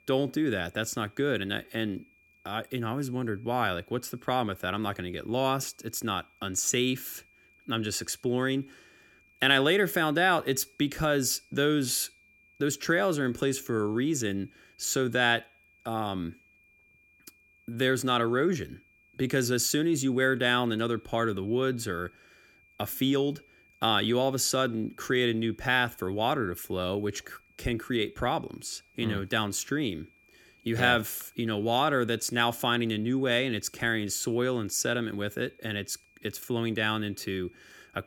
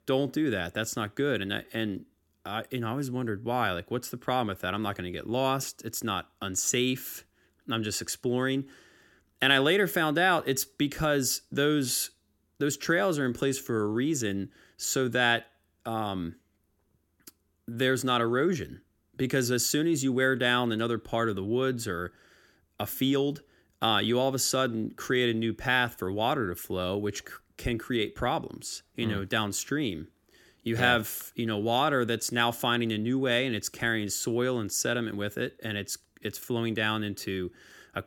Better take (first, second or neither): second